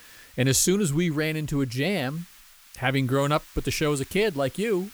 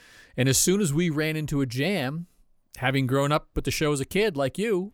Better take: second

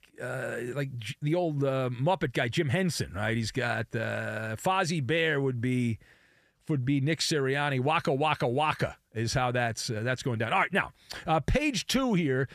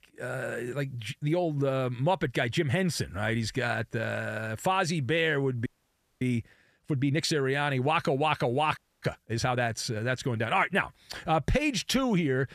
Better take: first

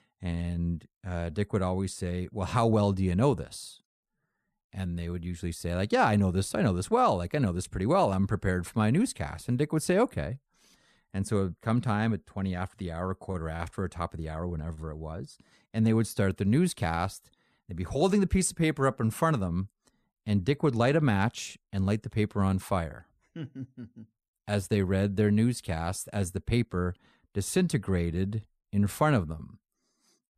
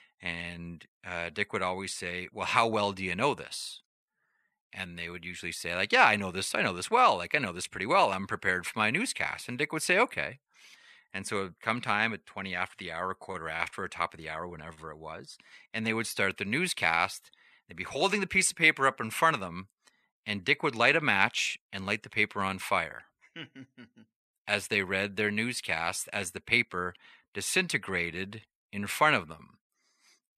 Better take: first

